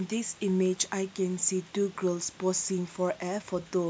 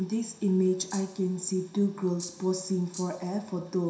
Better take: first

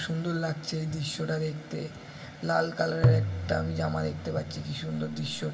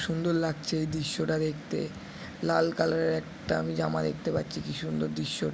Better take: second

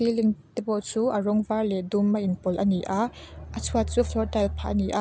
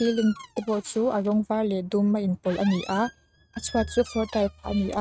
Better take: first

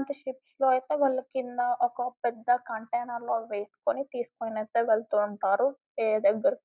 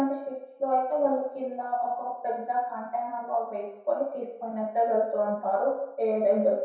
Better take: first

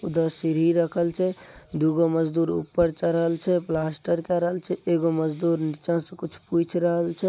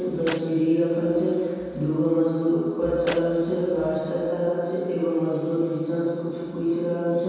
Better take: first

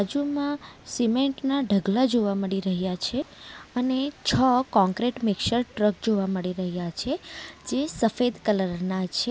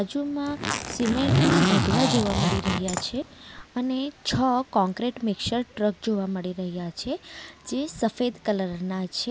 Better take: first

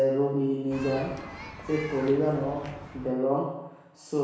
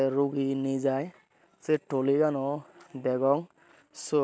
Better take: second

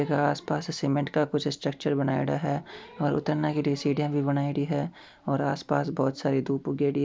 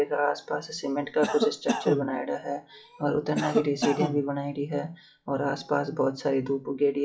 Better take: first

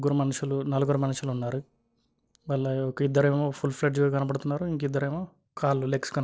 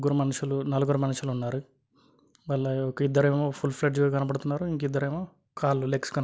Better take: second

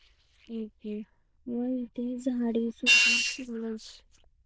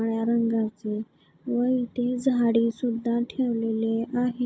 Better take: second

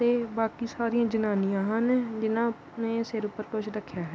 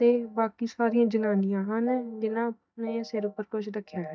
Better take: first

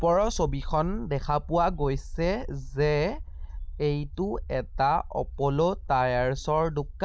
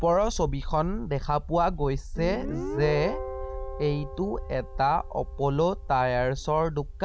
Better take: first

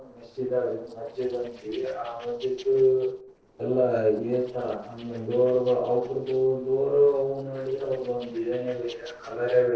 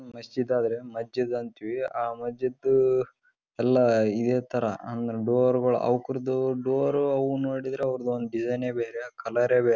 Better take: second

